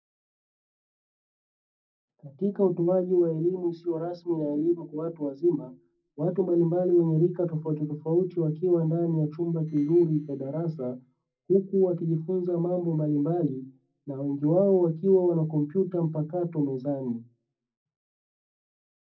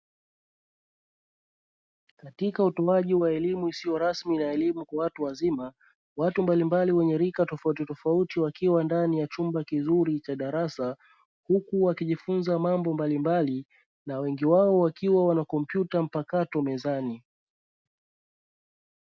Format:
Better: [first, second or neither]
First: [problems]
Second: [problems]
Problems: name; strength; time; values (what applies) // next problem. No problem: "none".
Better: second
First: noise reduction (neural separator model SepFormer DNS4)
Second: none